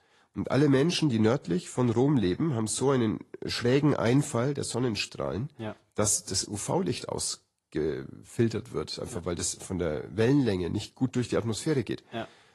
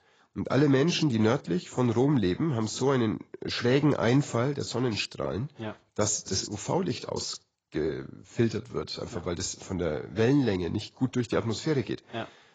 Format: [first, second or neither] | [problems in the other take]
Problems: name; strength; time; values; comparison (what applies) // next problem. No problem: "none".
first | garbled, watery; badly; nothing above 7.5 kHz; slightly in the first